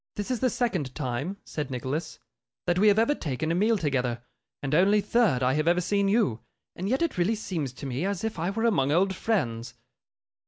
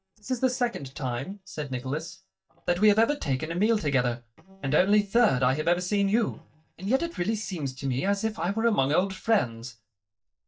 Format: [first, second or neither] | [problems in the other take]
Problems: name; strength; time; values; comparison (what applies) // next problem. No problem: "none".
first | noise reduction (neural mask model DeepFilterNet 3)